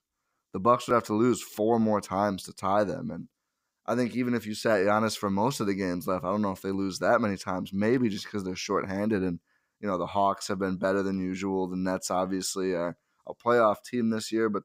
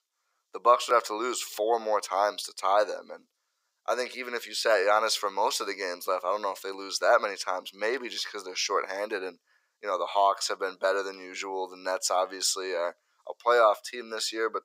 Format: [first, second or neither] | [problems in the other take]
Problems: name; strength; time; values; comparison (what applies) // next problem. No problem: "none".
first | thin; very; fading below 450 Hz